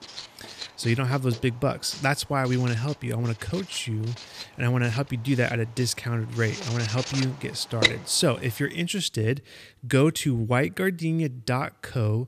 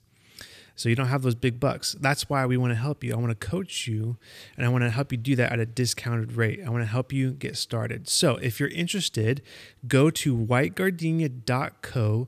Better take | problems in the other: second | household noises; loud; until 8.5 s; 7 dB below the speech

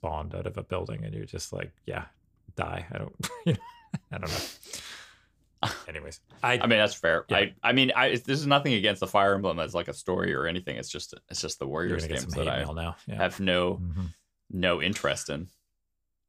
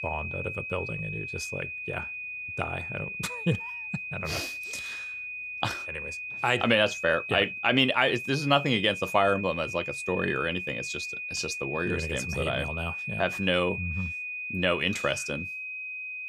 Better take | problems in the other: first | high-pitched whine; loud; throughout; 2.5 kHz, 5 dB below the speech

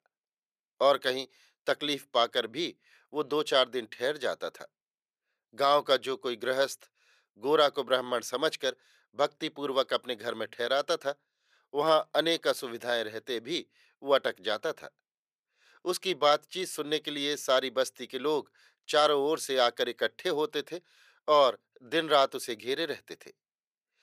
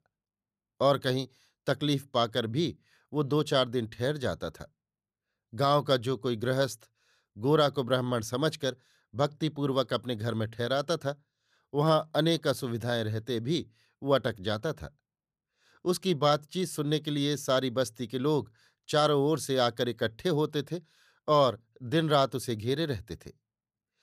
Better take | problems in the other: second | thin; somewhat; fading below 500 Hz

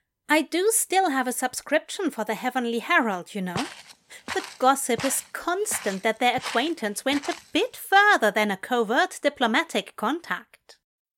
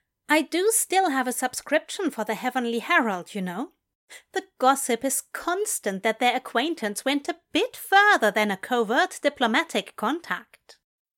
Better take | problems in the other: second | footsteps; noticeable; from 3.5 to 7.5 s; peak 10 dB below the speech

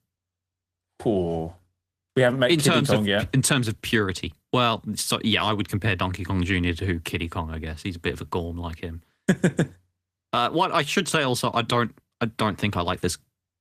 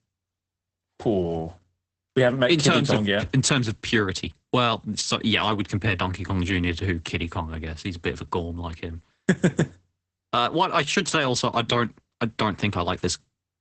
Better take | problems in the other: first | garbled, watery; badly; nothing above 8 kHz; slightly in the first

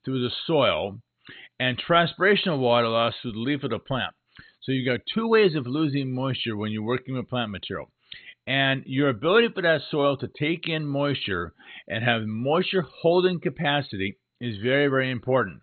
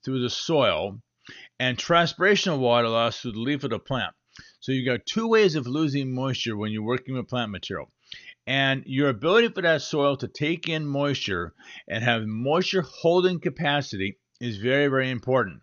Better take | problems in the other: second | garbled, watery; badly; nothing above 4 kHz; slightly in the second

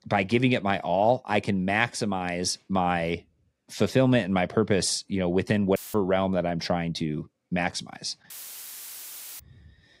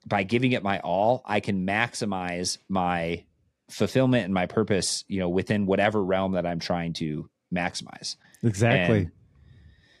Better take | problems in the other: second | audio cutting out; filled with static; at 6 s and at 8.5 s for 1 s

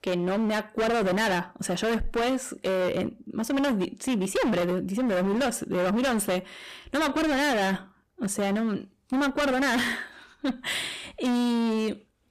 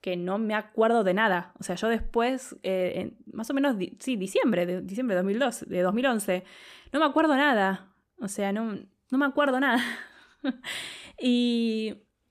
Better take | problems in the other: second | distortion; heavy; 27% of the sound clipped

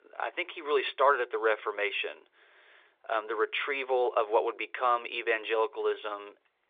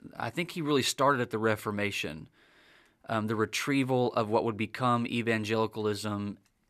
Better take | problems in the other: second | phone-call audio

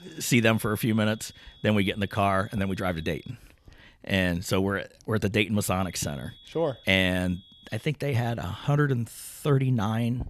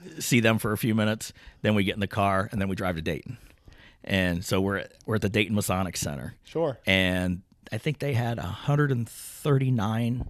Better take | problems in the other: second | high-pitched whine; faint; until 3.5 s and from 6 to 8 s; 3.5 kHz, 25 dB below the speech

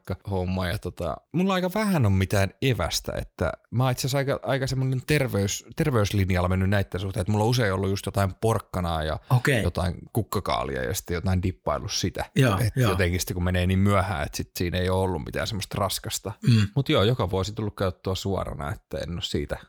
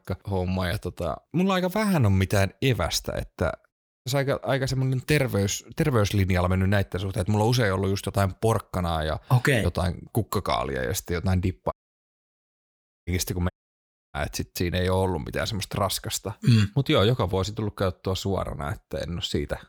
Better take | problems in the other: first | audio cutting out; at 3.5 s, at 12 s for 1.5 s and at 14 s for 0.5 s

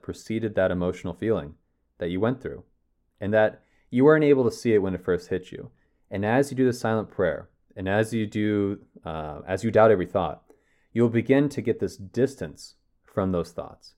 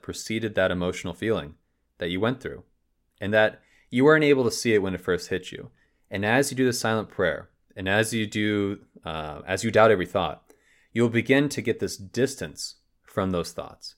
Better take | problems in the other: second | muffled; slightly; fading above 1.5 kHz

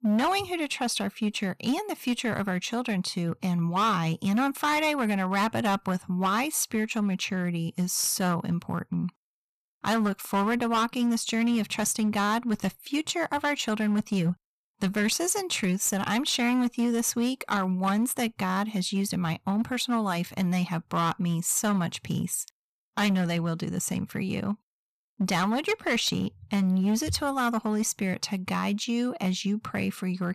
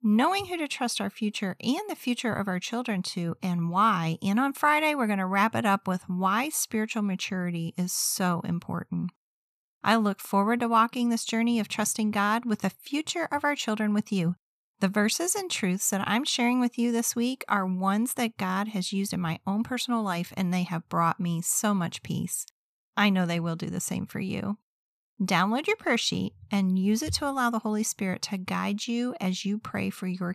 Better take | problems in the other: second | distortion; slight; 8% of the sound clipped

